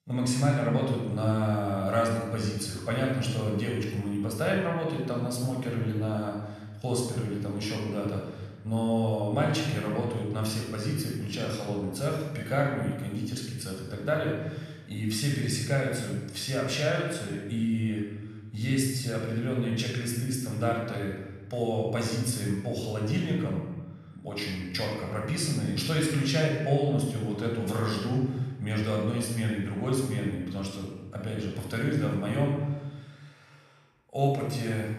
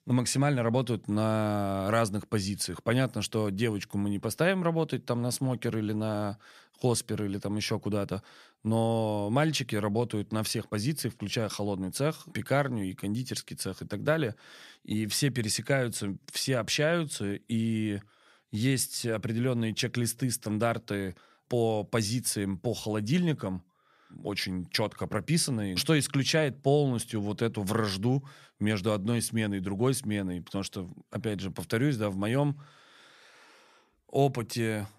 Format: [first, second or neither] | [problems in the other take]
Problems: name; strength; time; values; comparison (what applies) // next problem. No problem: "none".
second | off-mic speech; somewhat distant // room echo; noticeable; dies away in 1.1 s